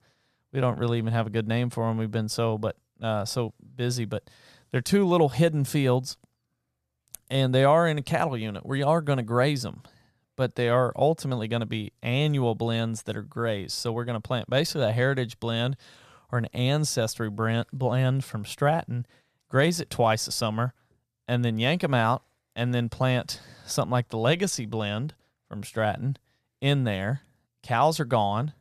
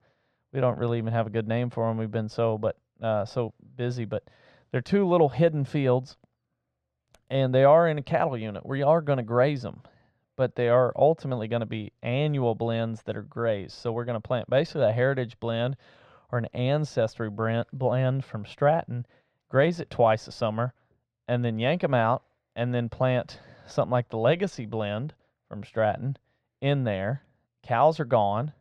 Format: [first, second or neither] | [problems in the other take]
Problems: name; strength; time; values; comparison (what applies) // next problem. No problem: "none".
first | muffled; very; fading above 3 kHz